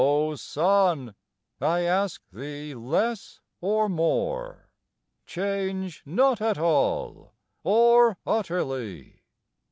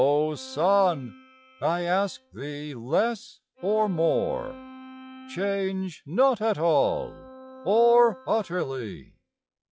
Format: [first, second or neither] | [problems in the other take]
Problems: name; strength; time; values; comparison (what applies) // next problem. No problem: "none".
first | noise reduction (classical method log-MMSE)